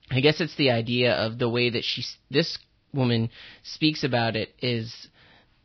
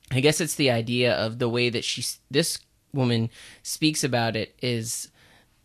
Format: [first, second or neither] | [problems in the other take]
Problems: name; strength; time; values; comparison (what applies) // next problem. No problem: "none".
second | garbled, watery; badly; nothing above 5.5 kHz; slightly in the second